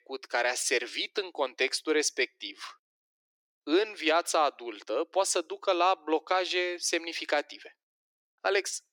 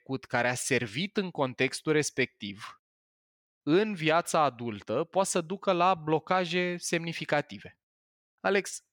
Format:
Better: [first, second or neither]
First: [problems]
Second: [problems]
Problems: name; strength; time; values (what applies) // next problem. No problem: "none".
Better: second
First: thin; somewhat; fading below 300 Hz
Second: none